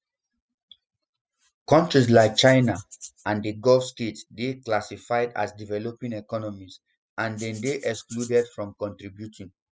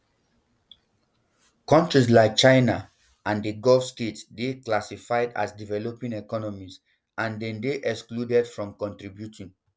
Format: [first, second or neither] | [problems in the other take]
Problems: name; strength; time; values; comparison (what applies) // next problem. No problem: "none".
second | noise reduction (classical method spectral subtraction)